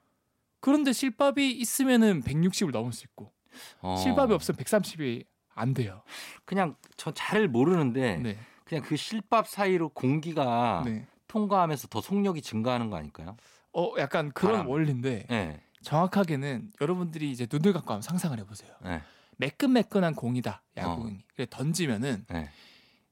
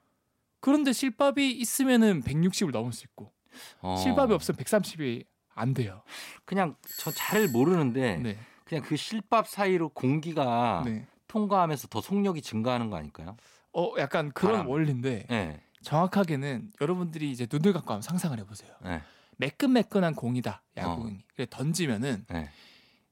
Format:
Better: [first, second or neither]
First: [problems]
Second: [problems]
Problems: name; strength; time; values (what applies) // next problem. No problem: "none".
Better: first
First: none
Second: doorbell; noticeable; at 7 s; peak 6 dB below the speech